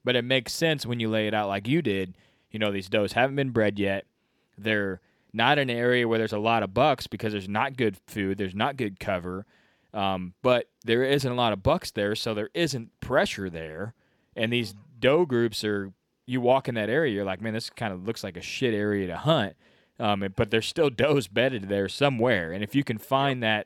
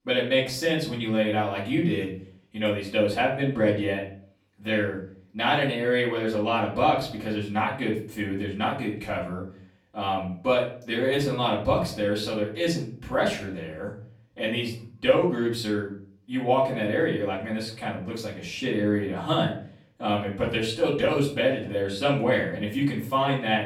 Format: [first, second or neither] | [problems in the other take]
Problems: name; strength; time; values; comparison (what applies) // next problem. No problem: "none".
first | room echo; slight; dies away in 0.4 s // off-mic speech; far